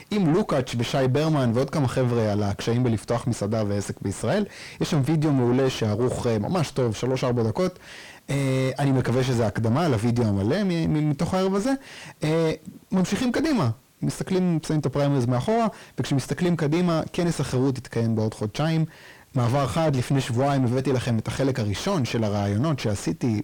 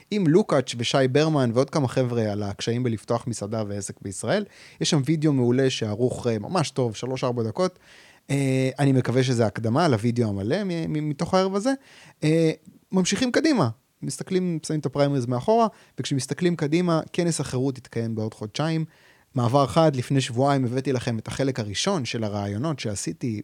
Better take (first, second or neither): second